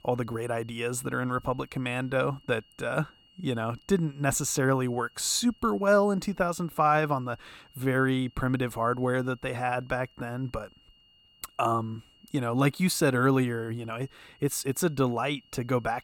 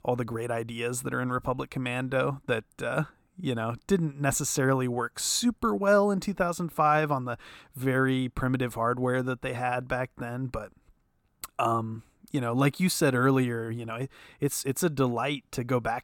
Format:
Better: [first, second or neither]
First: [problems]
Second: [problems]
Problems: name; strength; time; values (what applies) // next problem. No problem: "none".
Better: second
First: high-pitched whine; faint; throughout; 3 kHz, 30 dB below the speech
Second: none